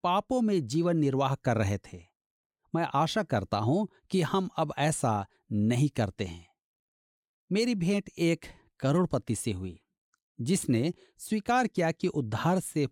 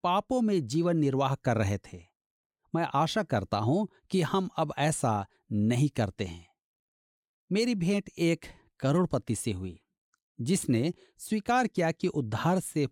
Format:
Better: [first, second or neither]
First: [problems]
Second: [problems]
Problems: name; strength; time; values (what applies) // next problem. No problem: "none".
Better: neither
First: none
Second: none